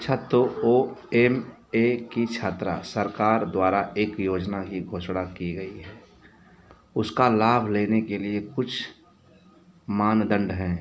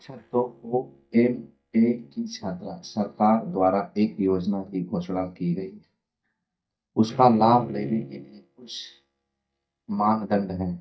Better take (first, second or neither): first